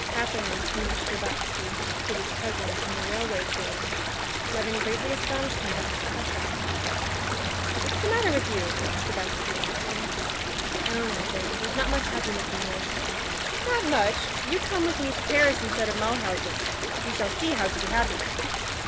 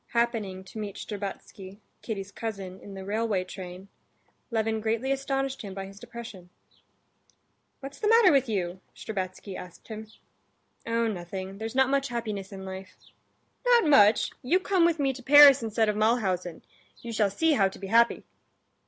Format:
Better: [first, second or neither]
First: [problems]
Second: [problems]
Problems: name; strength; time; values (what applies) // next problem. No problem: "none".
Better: second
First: background sound (Stream); 3 dB above the speech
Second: none